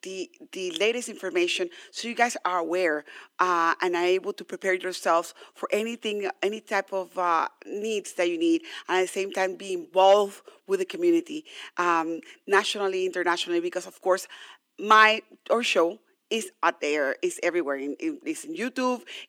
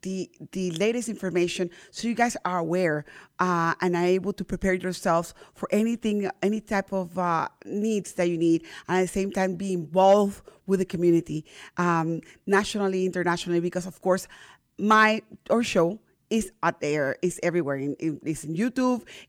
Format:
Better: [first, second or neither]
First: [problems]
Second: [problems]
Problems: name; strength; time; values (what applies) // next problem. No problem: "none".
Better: second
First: thin; somewhat; fading below 300 Hz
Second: none